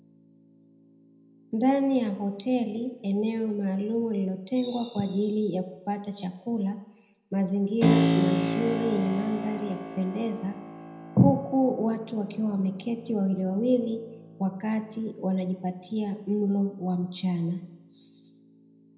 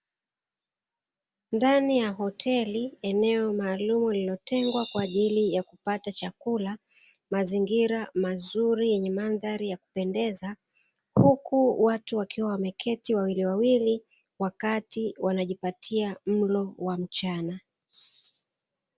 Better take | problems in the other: second | background sound (Keyboard (musical)); 7 dB below the speech // room echo; dies away in 0.7 s

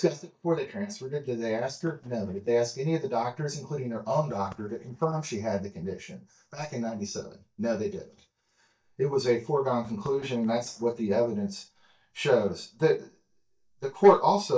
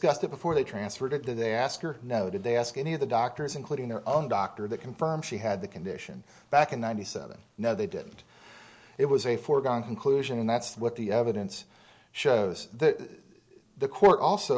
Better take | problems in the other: second | noise reduction (neural mask model DeepFilterNet 3)

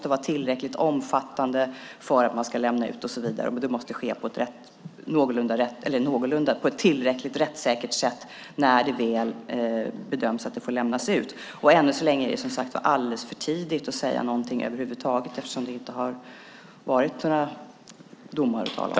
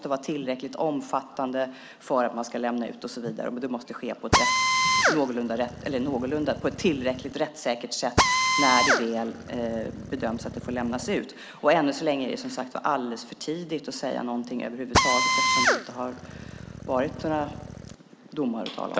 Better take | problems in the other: first | background sound (Drill); 2 dB above the speech

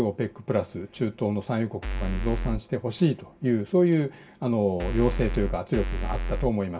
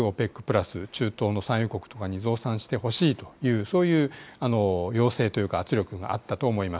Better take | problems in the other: second | background sound (Bass drum / Keyboard (musical)); 2 dB below the speech // room echo; dies away in 0.2 s

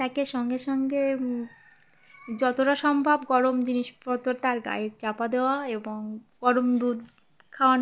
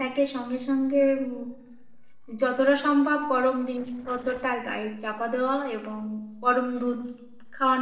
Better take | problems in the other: first | noise reduction (neural separator model SepFormer DNS4)

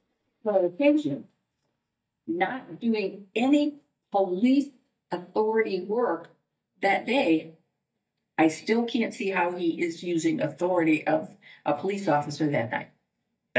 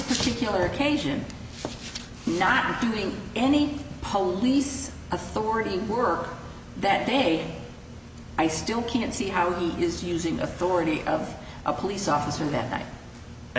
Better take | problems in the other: second | noise reduction (neural mask model DeepFilterNet 3)

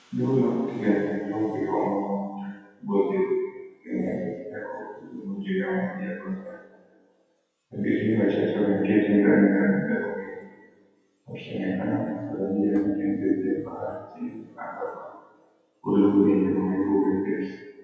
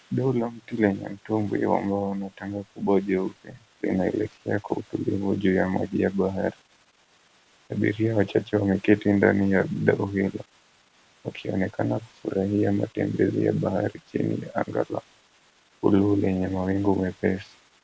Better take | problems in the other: second | noise reduction (classical method WPE with log-MMSE)

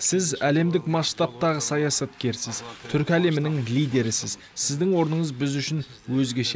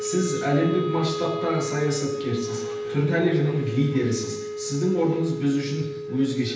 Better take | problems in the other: first | background sound (Wind instrument, woodwind instrument); 6 dB below the speech // room echo; dies away in 0.9 s

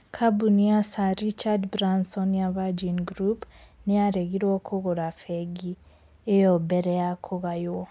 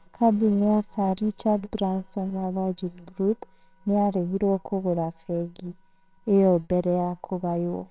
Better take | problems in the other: first | noise reduction (neural separator model SepFormer WHAMR!)

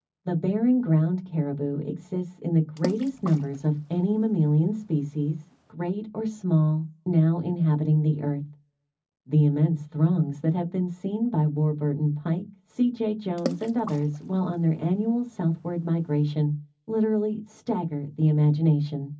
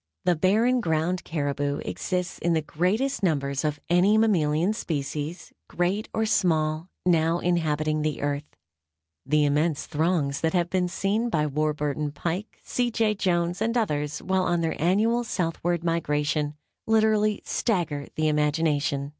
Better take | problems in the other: second | background sound (Water / Splash, splatter); 15 dB below the speech // room echo; dies away in 0.4 s

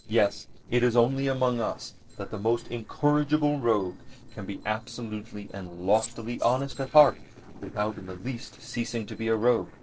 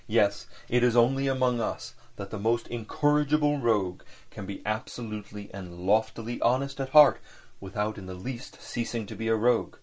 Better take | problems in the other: second | noise reduction (neural separator model SepFormer DNS4)

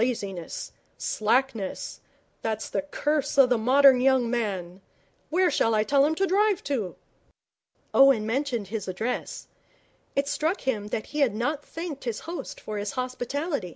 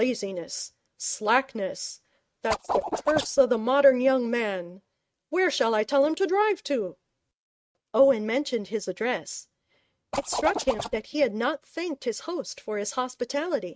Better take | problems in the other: first | noise reduction (neural mask model RNNoise)

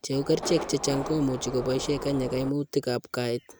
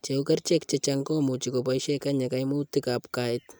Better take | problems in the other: second | background sound (Subway, metro, underground); 9 dB below the speech

